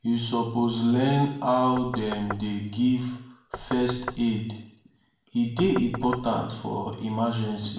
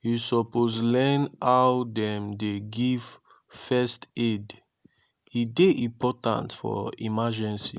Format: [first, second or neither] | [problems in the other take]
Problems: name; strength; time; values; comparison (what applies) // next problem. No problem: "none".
second | background sound (Knock); 12 dB below the speech // room echo; dies away in 0.7 s